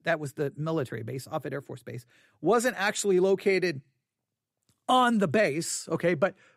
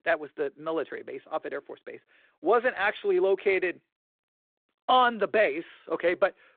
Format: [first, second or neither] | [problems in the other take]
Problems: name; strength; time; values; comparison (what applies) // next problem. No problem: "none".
first | phone-call audio